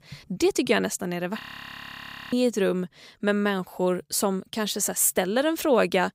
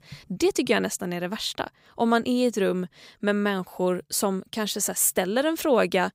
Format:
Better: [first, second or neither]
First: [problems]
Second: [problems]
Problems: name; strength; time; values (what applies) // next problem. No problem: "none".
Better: second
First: audio freezing; at 1.5 s for 1 s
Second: none